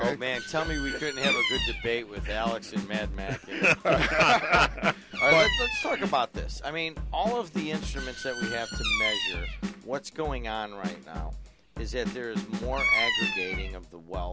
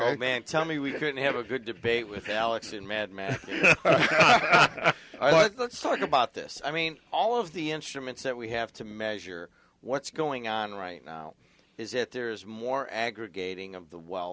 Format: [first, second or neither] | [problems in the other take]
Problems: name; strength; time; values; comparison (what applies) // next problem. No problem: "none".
second | background sound (Drum kit + Bird vocalization, bird call, bird song); 2 dB below the speech